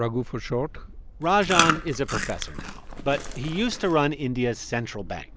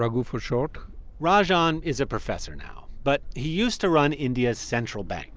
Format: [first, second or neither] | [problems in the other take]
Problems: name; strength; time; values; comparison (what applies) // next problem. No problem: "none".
second | background sound (Chewing, mastication); 3 dB below the speech